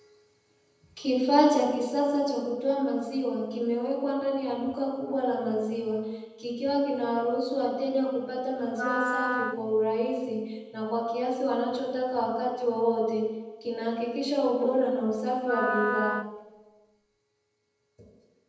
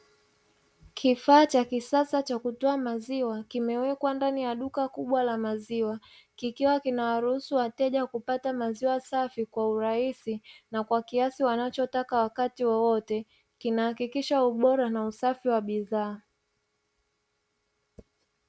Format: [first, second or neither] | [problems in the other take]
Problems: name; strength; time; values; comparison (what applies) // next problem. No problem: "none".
second | background sound (Wind instrument, woodwind instrument); 5 dB below the speech // room echo; dies away in 1 s